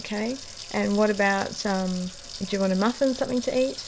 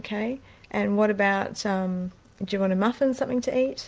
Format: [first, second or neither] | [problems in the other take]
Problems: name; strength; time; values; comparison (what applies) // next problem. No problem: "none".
second | background sound (Sink (filling or washing) / Water tap, faucet); 14 dB below the speech